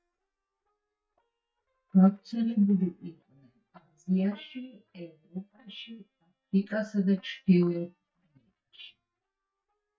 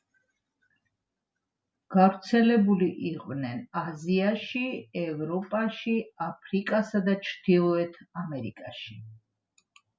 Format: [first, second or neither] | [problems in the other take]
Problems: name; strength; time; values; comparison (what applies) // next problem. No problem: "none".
second | noise reduction (neural mask model DeepFilterNet 3)